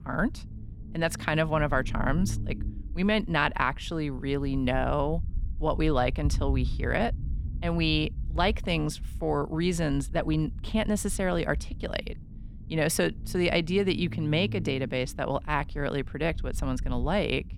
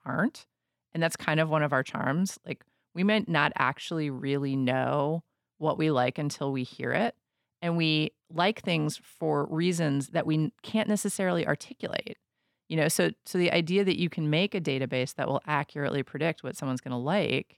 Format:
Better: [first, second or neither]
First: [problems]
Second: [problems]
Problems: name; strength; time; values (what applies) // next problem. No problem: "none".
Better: second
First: low rumble; faint; throughout; 20 dB below the speech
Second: none